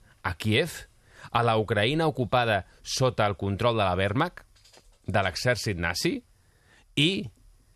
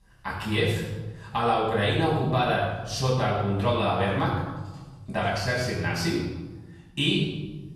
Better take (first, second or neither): first